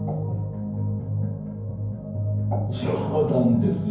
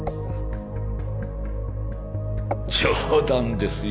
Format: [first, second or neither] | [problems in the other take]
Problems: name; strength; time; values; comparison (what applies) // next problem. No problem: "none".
second | room echo; dies away in 0.9 s